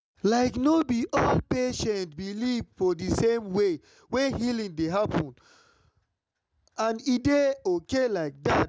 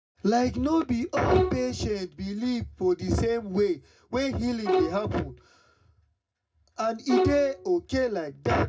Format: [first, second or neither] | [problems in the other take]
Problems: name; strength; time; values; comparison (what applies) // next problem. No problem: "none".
first | background sound (Bowed string instrument); 2 dB below the speech // room echo; dies away in 0.2 s